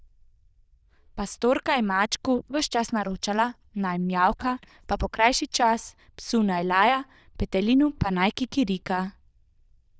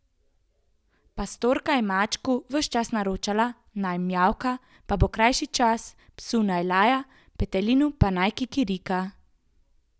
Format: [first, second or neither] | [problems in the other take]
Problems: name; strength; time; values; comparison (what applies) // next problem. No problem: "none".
second | noise reduction (neural diffusion model UNIVERSE++)